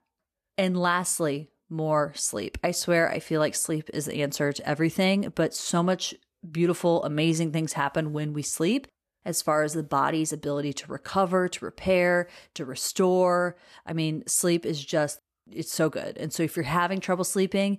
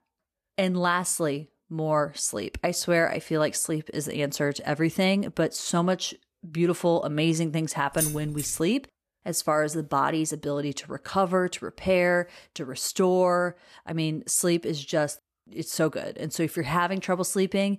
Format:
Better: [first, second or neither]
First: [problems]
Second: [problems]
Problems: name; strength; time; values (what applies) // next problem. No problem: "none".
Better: first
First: none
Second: jangling keys; noticeable; at 8 s; peak 2 dB below the speech